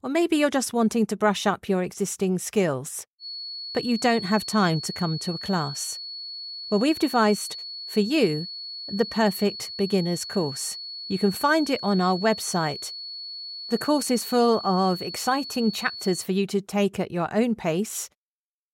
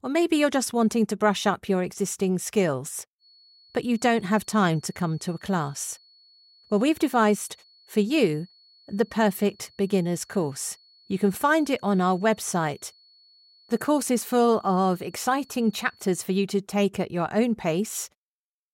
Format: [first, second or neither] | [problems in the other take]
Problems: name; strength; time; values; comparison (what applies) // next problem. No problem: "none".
second | high-pitched whine; loud; from 3 to 16 s; 4.5 kHz, 9 dB below the speech; faint in the second